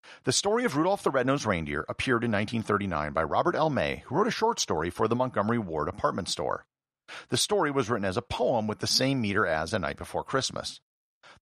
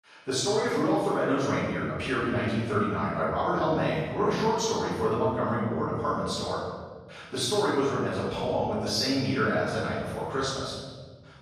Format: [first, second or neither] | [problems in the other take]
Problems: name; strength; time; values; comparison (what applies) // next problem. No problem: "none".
first | off-mic speech; far // room echo; strong; dies away in 1.4 s